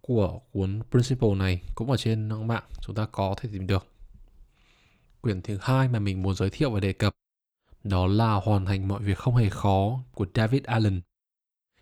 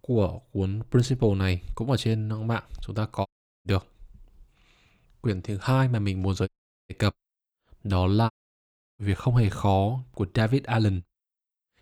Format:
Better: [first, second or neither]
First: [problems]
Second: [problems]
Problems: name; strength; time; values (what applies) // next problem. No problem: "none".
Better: first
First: none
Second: audio cutting out; at 3.5 s, at 6.5 s and at 8.5 s for 0.5 s